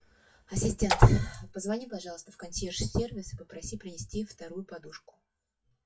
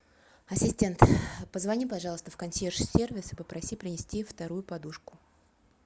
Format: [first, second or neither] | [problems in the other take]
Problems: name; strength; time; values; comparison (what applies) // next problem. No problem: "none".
second | noise reduction (classical method WPE with log-MMSE)